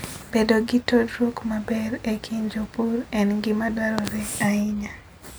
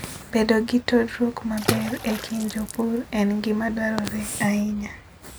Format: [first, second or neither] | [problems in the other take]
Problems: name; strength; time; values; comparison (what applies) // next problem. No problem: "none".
first | background sound (Water / Splash, splatter); 10 dB below the speech